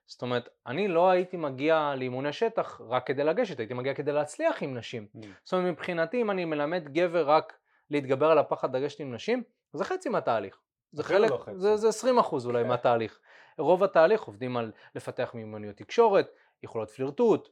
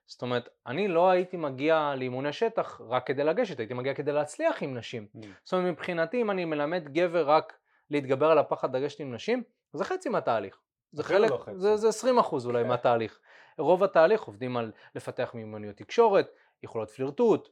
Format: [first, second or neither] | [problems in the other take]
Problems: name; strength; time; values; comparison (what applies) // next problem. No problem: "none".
neither | none